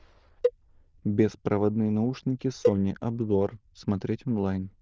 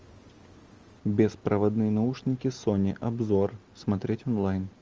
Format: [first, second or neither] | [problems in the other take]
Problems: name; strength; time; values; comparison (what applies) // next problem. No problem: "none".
second | noise reduction (neural diffusion model UNIVERSE++)